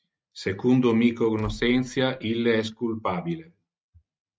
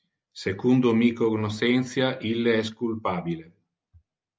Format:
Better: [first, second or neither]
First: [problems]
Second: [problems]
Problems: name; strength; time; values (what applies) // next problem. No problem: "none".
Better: second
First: noise reduction (neural mask model RNNoise)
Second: none